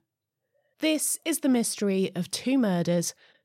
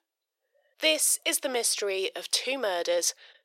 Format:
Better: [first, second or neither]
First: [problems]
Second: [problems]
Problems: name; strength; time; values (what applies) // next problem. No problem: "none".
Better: first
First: none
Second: thin; very; fading below 400 Hz